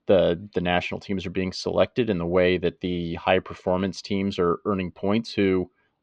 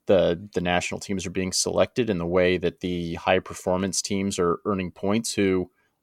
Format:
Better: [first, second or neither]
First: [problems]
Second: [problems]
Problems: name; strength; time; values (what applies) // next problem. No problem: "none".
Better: second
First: muffled; slightly; fading above 4 kHz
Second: none